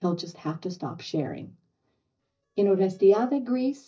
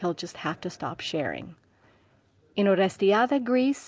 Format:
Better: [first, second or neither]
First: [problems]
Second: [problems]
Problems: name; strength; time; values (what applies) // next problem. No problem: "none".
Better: second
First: noise reduction (neural mask model DeepFilterNet 3)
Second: none